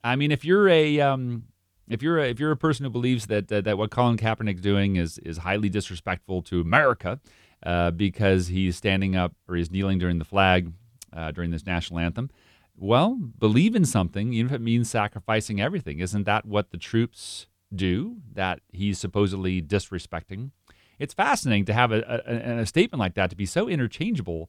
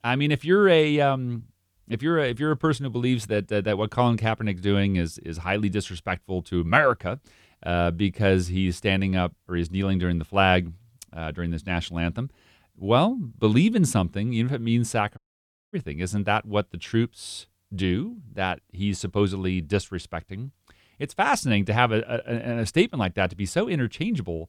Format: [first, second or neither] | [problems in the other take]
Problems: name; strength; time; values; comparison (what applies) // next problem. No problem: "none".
first | audio cutting out; at 15 s for 0.5 s